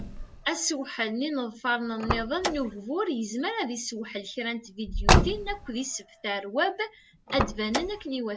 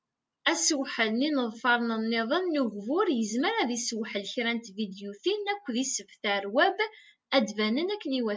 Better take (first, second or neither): second